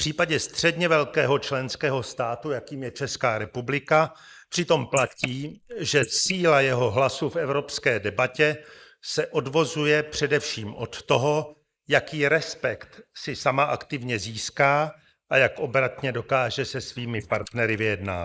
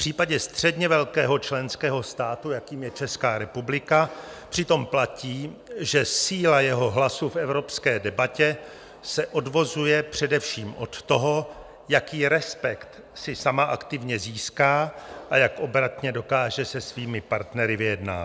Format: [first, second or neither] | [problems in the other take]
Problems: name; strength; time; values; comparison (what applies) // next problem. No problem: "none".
second | noise reduction (neural mask model Resemble Enhance denoiser)